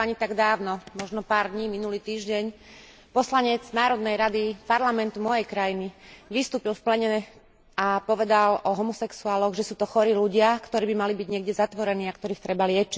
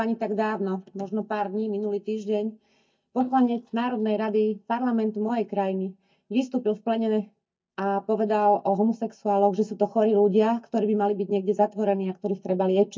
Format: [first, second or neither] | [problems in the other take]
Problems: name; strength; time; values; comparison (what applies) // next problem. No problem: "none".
first | noise reduction (neural mask model DeepFilterNet 3)